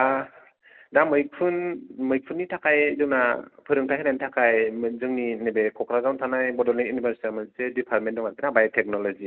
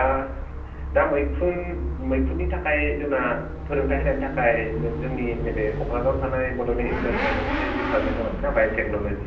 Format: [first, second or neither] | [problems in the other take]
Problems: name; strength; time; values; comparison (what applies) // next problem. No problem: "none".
first | background sound (Motorcycle / Accelerating, revving, vroom); 3 dB below the speech // room echo; dies away in 0.6 s